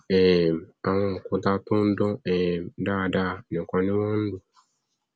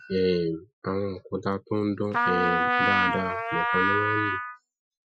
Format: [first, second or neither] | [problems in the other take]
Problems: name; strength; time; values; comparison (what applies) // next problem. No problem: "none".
first | noise reduction (classical method Wiener filter)